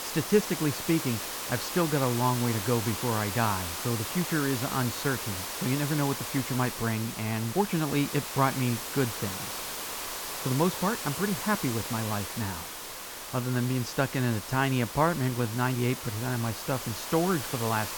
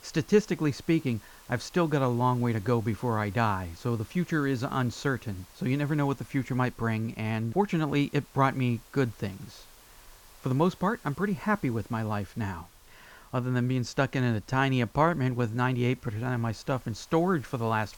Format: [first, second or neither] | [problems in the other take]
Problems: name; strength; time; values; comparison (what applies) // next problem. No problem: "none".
second | hiss; loud; throughout; 5 dB below the speech; faint in the second